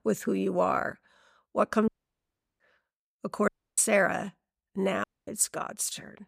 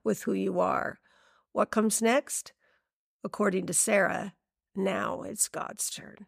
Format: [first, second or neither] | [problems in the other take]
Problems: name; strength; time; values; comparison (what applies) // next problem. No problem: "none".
second | audio cutting out; at 2 s for 0.5 s, at 3.5 s and at 5 s